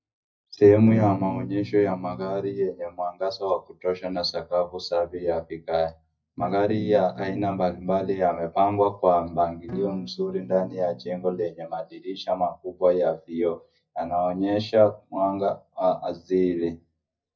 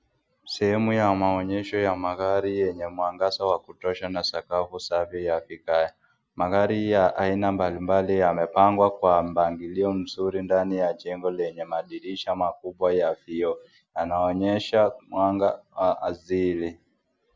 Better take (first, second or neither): second